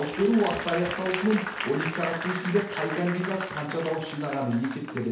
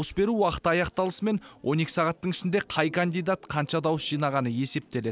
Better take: second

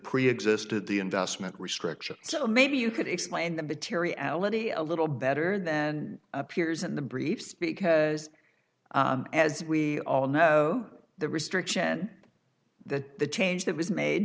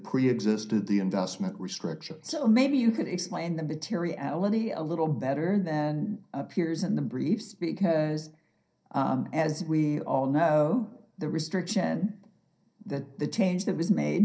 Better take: first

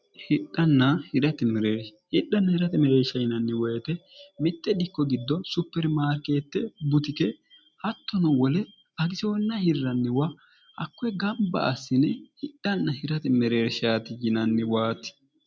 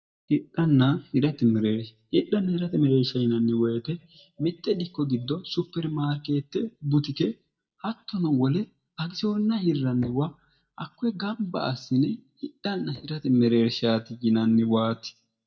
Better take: first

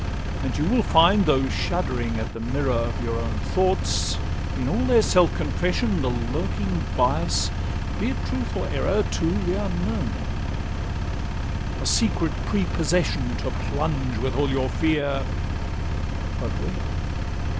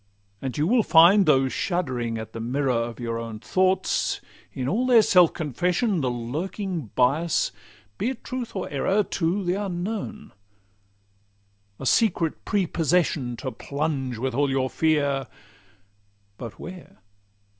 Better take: second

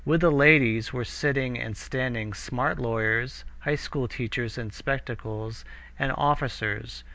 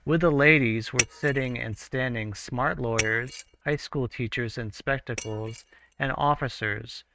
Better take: first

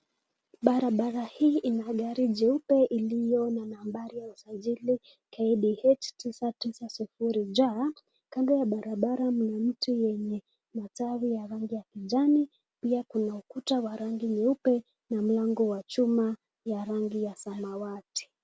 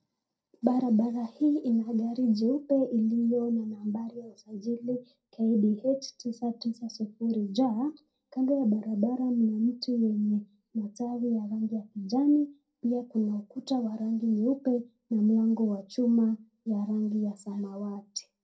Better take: first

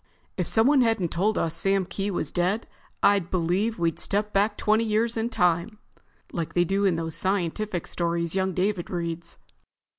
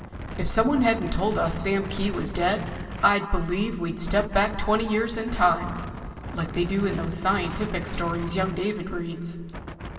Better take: first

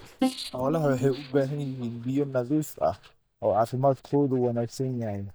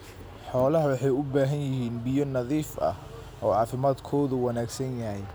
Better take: second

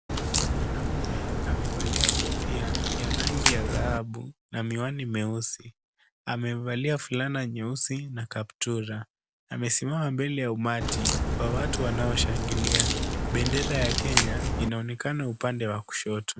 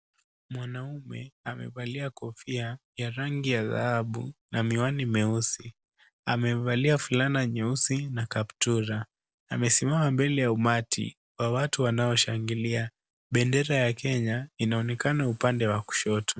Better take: second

